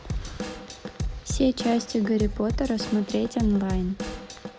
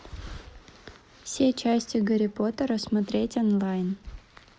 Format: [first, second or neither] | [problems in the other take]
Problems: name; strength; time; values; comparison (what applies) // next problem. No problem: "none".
second | background sound (Drum / Drum kit); 6 dB below the speech